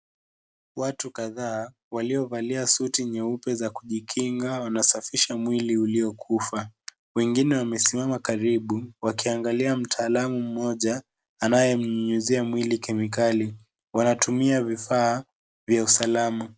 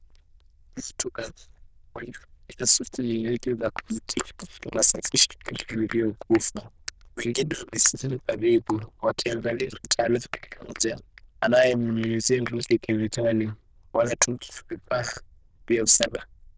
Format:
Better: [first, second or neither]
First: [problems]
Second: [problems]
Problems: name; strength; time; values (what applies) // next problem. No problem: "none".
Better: first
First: none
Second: noise reduction (neural diffusion model UNIVERSE++)